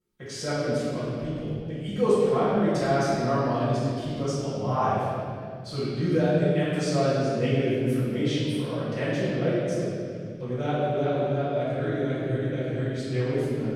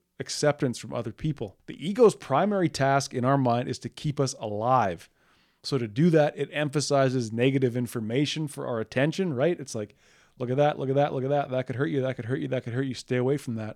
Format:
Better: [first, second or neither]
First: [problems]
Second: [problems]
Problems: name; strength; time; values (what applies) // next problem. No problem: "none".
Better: second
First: room echo; strong; dies away in 2.3 s // off-mic speech; far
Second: none